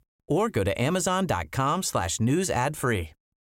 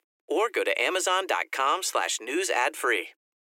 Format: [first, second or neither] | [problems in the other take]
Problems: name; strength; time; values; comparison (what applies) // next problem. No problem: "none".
first | thin; very; fading below 300 Hz